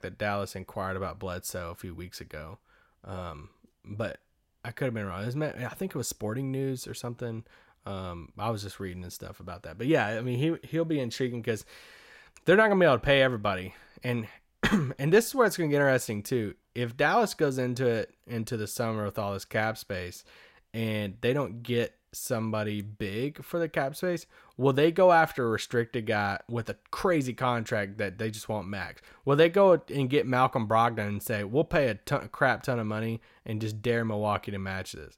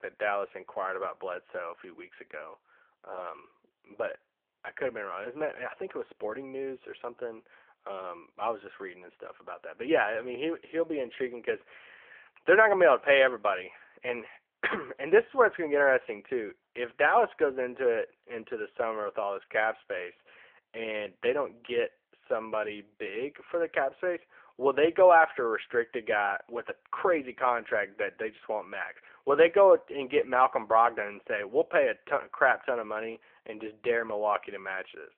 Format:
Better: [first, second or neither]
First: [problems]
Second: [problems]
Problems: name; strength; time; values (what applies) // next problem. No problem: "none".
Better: first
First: none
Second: phone-call audio; nothing above 3.5 kHz